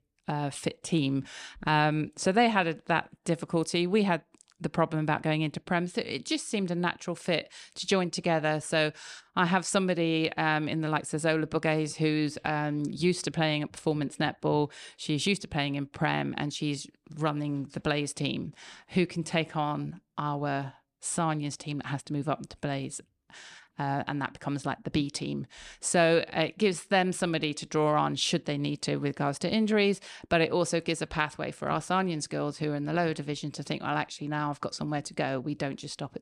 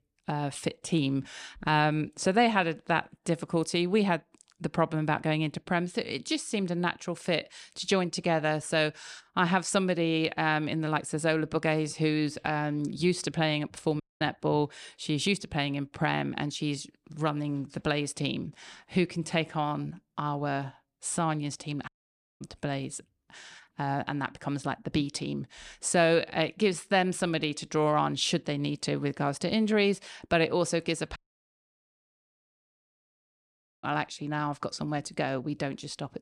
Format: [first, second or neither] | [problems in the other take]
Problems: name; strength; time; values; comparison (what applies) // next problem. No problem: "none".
first | audio cutting out; at 14 s, at 22 s for 0.5 s and at 31 s for 2.5 s